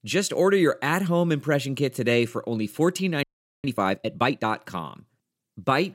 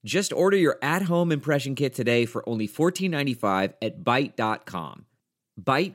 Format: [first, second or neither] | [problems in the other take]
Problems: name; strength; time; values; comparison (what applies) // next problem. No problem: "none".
second | audio freezing; at 3 s